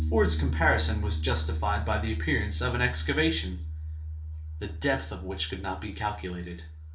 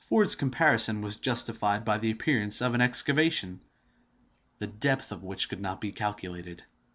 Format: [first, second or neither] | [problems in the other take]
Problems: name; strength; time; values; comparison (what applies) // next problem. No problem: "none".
second | background sound (Piano); 1 dB below the speech // room echo; dies away in 0.4 s